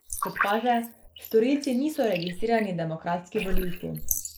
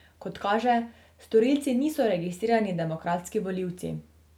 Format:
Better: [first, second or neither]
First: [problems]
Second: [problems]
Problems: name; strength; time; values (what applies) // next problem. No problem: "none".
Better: second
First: noise reduction (neural mask model Resemble Enhance denoiser)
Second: none